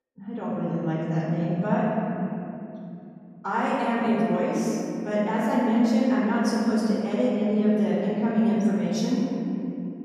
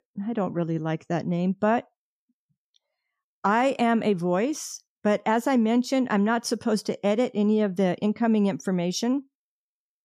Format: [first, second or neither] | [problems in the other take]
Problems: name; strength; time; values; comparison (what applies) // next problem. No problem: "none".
second | room echo; strong; dies away in 3 s // off-mic speech; far